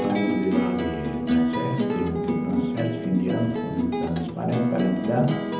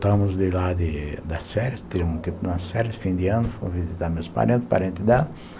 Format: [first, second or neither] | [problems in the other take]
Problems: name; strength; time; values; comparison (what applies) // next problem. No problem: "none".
second | background sound (Acoustic guitar); as loud as the speech // room echo; dies away in 0.9 s